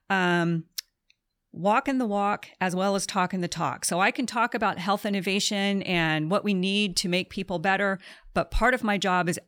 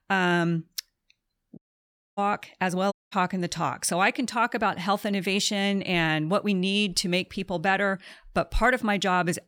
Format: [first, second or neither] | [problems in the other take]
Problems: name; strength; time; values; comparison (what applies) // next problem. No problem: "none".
first | audio cutting out; at 1.5 s for 0.5 s and at 3 s